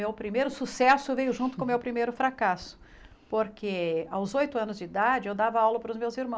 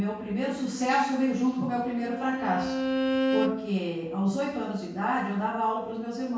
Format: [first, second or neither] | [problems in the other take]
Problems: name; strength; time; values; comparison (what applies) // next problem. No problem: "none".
first | background sound (Bowed string instrument); 3 dB below the speech // room echo; dies away in 0.6 s